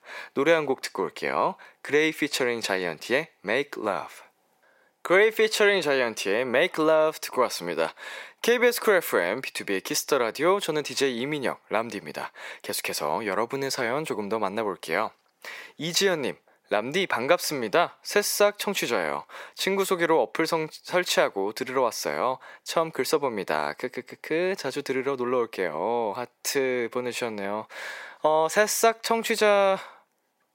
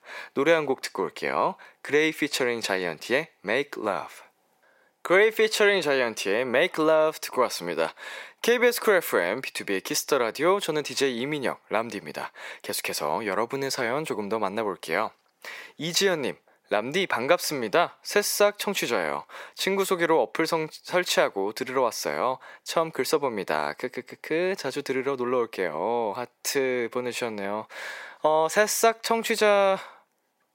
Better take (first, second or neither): neither